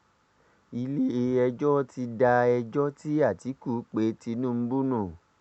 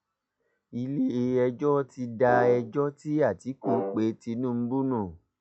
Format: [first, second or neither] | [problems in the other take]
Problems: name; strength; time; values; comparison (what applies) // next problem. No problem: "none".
first | noise reduction (classical method log-MMSE)